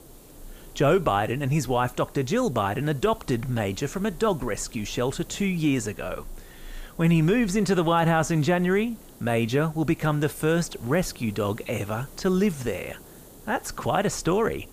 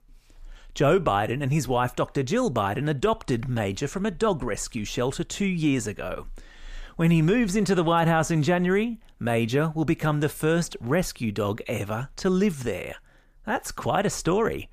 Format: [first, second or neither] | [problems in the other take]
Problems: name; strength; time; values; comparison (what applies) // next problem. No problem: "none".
second | hiss; faint; throughout; 20 dB below the speech